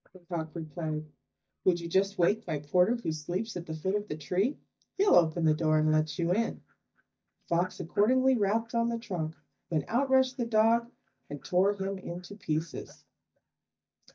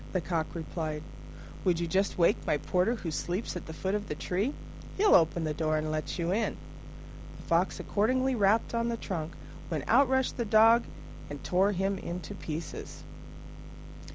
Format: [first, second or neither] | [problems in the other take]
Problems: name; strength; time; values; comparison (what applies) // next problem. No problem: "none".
second | noise reduction (neural mask model DeepFilterNet 3)